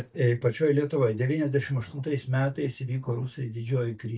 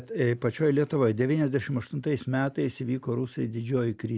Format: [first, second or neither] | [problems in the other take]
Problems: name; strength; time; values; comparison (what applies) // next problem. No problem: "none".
second | noise reduction (neural mask model DeepFilterNet 3)